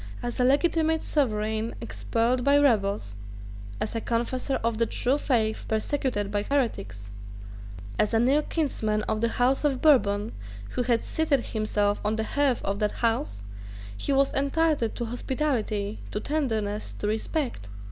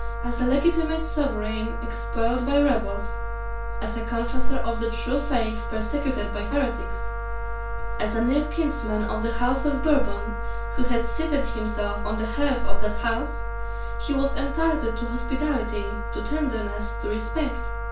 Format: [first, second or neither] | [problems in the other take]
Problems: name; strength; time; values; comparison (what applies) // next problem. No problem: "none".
first | background sound (Wind instrument, woodwind instrument); 13 dB below the speech // room echo; dies away in 0.3 s